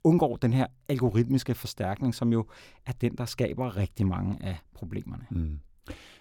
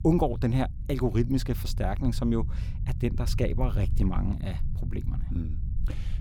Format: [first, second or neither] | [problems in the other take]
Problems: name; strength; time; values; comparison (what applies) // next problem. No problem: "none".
first | low rumble; noticeable; throughout; 15 dB below the speech